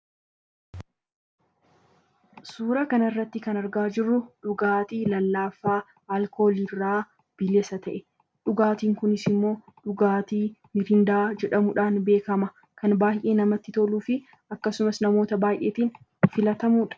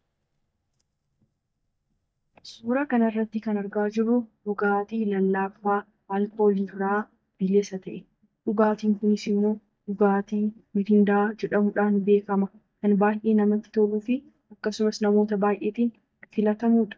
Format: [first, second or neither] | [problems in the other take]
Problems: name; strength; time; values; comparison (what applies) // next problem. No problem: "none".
first | noise reduction (neural mask model DeepFilterNet 3)